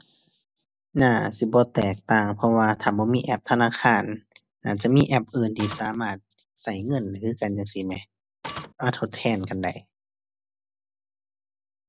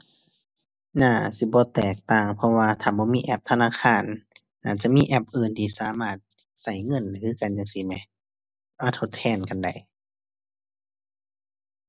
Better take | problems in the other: second | background sound (Printer); 10 dB below the speech

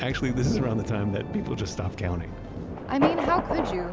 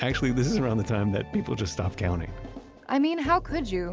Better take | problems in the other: second | background sound (Thunder); 3 dB below the speech

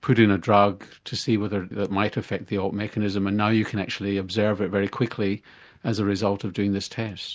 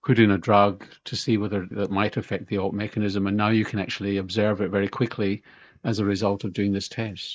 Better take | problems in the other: first | noise reduction (neural mask model Resemble Enhance denoiser)

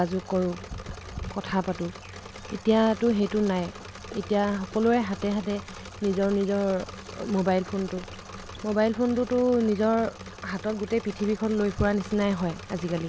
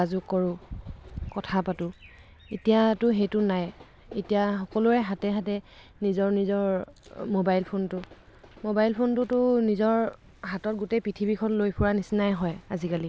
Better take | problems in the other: second | background sound (Engine / Mechanisms); 15 dB below the speech

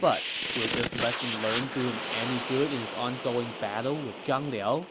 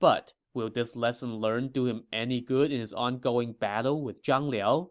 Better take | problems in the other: second | background sound (Fire); 4 dB below the speech

